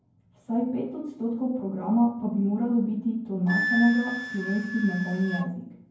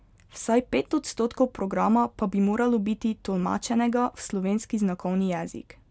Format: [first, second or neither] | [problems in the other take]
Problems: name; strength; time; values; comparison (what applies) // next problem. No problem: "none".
second | background sound (Wind instrument, woodwind instrument); 9 dB below the speech // room echo; dies away in 0.9 s